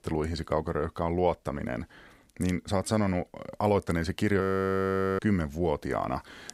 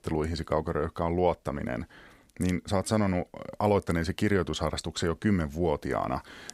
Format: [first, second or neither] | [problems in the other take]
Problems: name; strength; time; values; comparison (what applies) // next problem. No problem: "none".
second | audio freezing; at 4.5 s for 1 s